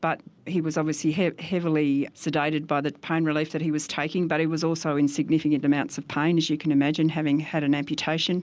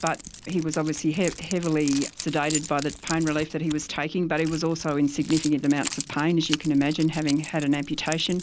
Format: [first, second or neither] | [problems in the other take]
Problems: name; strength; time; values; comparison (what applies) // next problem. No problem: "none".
first | background sound (Keys jangling); 12 dB below the speech